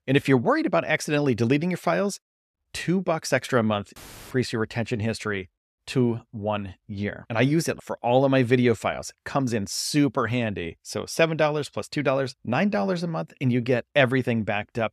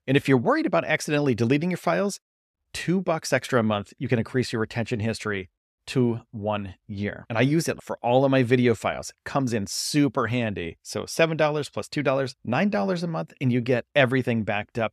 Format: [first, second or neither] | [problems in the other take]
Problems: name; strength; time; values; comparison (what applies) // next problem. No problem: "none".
second | audio cutting out; filled with static; at 4 s